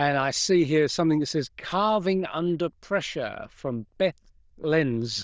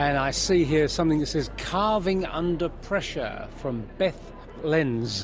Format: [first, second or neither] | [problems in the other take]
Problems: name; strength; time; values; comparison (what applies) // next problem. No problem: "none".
second | noise reduction (neural diffusion model UNIVERSE++)